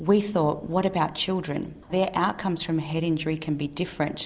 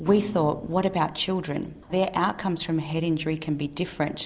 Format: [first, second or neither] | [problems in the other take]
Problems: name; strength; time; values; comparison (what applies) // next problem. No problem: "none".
first | background sound (Thump, thud); 15 dB below the speech